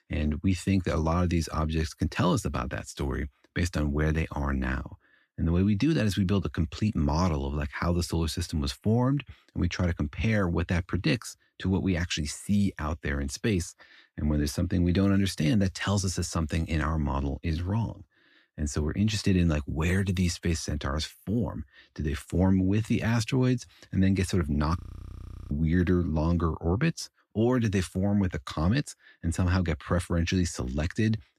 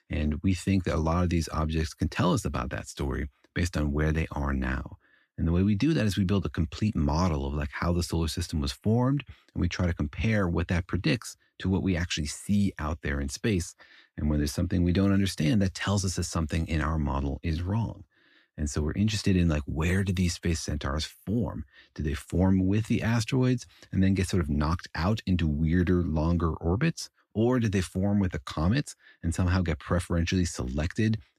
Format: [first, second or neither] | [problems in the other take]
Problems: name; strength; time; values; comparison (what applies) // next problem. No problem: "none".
second | audio freezing; at 25 s for 0.5 s